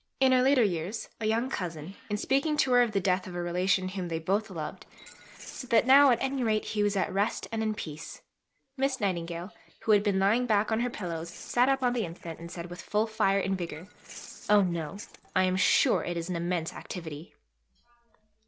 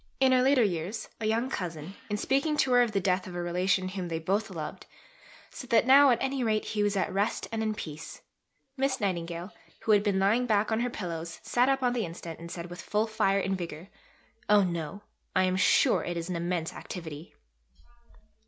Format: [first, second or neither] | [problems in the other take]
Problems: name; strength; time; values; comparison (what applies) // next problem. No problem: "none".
second | noise reduction (neural separator model SepFormer DNS4)